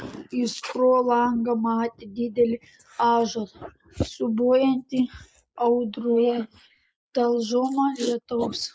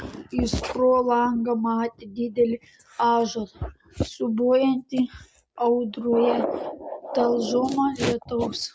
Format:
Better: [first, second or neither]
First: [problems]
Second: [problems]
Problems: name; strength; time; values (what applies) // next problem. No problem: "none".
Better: second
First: noise reduction (neural mask model Resemble Enhance denoiser)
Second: none